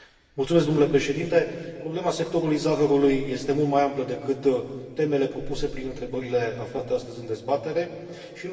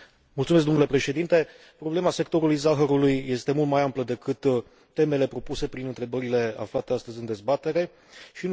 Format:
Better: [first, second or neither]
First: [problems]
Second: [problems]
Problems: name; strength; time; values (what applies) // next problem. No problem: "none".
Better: second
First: room echo; dies away in 2.4 s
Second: none